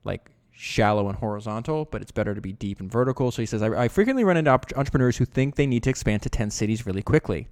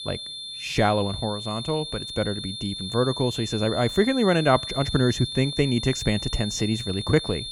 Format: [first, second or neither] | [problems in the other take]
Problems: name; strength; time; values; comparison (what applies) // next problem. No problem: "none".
first | high-pitched whine; loud; throughout; 3.5 kHz, 7 dB below the speech